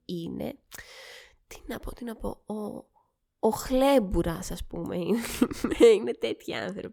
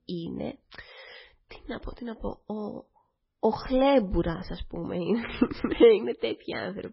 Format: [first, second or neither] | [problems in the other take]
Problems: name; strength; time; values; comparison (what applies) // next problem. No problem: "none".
first | garbled, watery; badly; nothing above 5.5 kHz